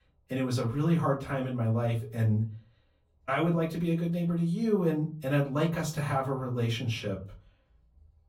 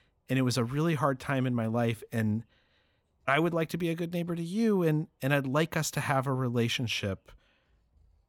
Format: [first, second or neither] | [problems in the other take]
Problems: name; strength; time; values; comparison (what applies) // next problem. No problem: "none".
second | off-mic speech; far // room echo; very slight; dies away in 0.4 s